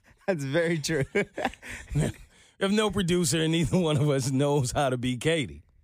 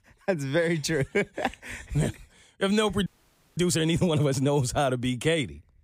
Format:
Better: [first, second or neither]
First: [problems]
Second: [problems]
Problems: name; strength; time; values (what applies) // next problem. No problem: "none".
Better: first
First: none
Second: audio freezing; at 3 s for 0.5 s